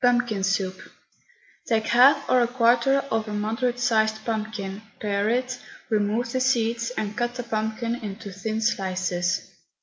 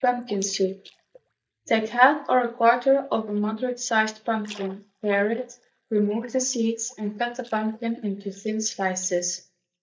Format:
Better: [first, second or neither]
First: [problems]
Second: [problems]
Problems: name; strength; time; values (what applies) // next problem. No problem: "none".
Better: first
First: none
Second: noise reduction (neural mask model DeepFilterNet 3)